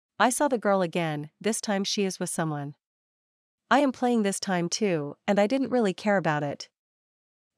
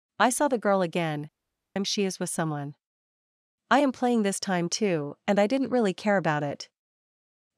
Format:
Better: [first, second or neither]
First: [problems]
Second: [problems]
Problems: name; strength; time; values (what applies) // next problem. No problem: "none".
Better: first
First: none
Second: audio cutting out; at 1.5 s